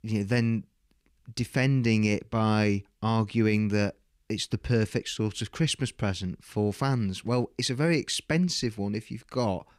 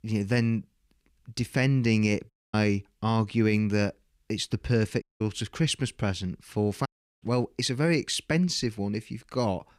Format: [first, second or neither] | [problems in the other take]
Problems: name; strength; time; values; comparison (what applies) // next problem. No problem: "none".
first | audio cutting out; at 2.5 s, at 5 s and at 7 s